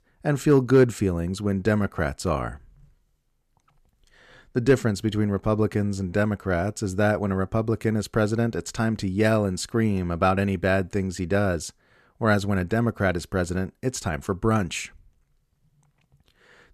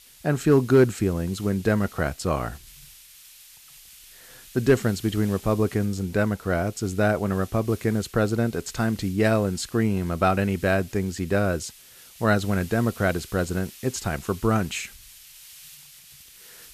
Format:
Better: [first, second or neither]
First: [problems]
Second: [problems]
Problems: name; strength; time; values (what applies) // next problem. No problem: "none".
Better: first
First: none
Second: hiss; faint; throughout; 20 dB below the speech